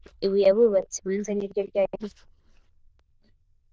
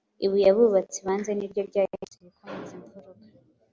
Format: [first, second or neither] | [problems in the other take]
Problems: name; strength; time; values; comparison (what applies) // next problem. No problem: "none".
second | noise reduction (neural diffusion model UNIVERSE++)